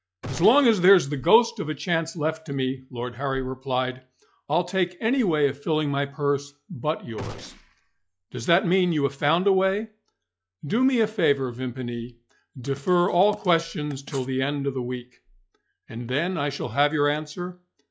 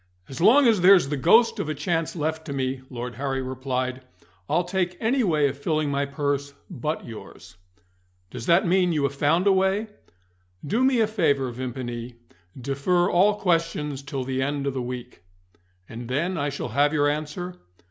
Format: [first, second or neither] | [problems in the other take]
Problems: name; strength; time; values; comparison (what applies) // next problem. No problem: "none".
second | noise reduction (classical method log-MMSE)